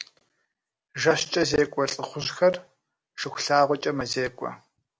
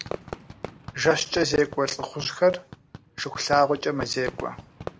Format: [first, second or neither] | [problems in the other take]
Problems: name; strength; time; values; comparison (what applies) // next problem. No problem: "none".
first | background sound (Fireworks); 13 dB below the speech